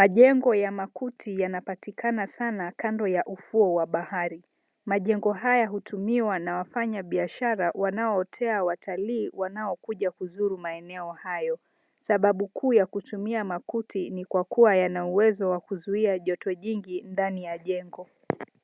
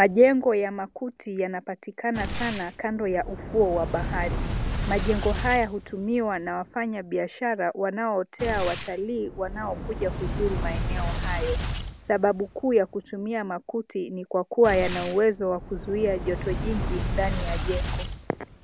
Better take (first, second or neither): first